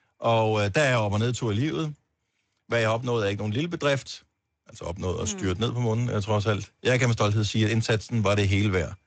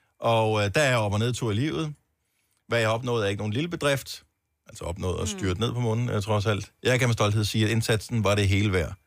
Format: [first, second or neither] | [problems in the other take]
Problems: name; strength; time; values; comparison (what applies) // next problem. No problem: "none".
second | garbled, watery; slightly; nothing above 7.5 kHz